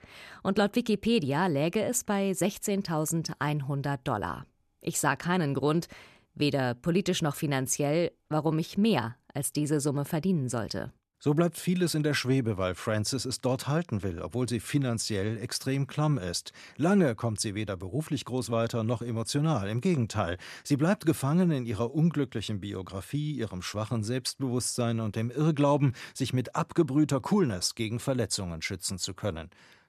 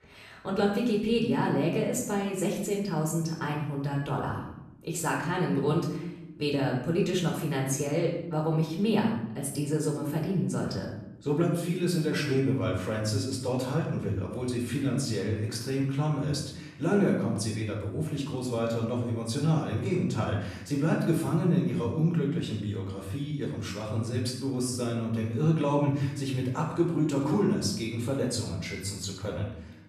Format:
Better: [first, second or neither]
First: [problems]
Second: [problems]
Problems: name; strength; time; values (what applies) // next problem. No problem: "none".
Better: first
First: none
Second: off-mic speech; far // room echo; noticeable; dies away in 0.8 s